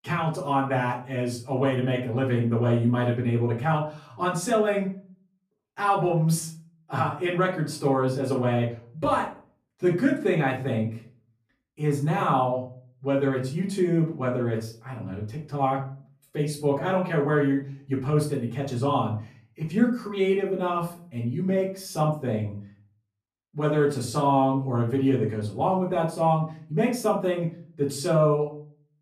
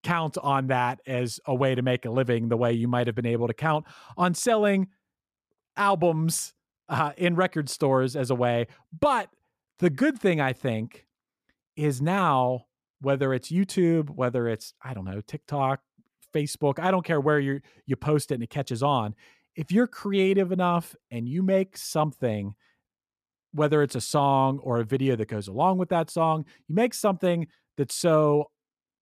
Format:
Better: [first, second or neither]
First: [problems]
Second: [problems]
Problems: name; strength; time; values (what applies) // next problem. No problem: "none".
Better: second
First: off-mic speech; far // room echo; slight; dies away in 0.4 s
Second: none